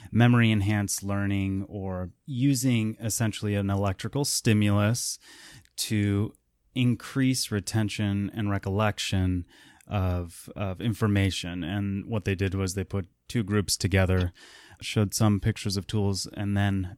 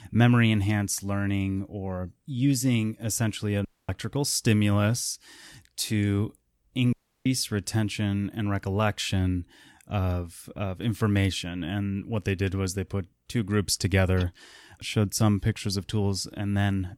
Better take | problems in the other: first | audio cutting out; at 3.5 s and at 7 s

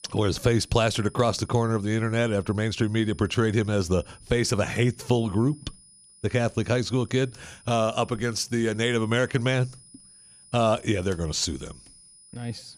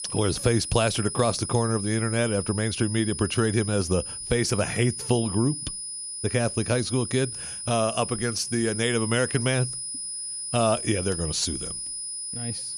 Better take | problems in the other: first | high-pitched whine; loud; throughout; 9.5 kHz, 6 dB below the speech; faint in the first

